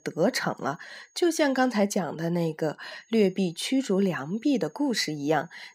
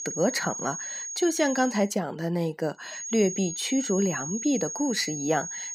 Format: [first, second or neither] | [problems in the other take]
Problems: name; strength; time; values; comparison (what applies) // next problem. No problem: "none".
first | high-pitched whine; loud; until 2 s and from 3 s on; 6.5 kHz, 6 dB below the speech; faint in the first